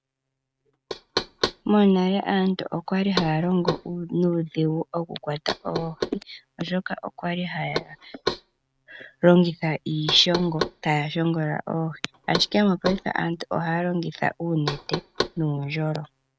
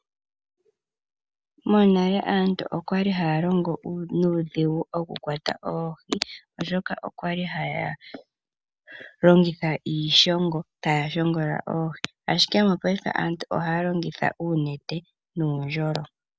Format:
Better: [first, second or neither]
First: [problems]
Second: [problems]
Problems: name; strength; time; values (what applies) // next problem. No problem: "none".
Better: second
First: noise reduction (neural mask model RNNoise)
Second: none